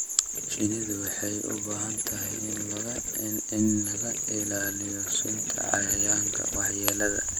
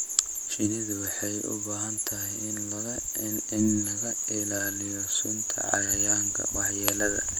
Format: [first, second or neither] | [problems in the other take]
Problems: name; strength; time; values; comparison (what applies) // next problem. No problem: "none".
second | background sound (Gurgling); 16 dB below the speech